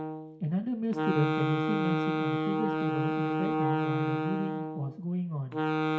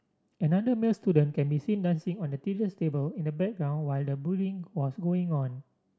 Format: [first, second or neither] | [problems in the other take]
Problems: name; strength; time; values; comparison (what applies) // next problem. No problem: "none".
second | background sound (Wind instrument, woodwind instrument); 3 dB above the speech // room echo; dies away in 0.5 s